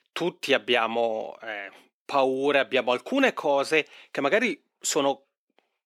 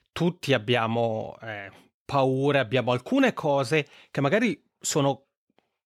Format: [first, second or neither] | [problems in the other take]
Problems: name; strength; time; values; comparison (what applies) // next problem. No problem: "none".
second | thin; very slightly; fading below 300 Hz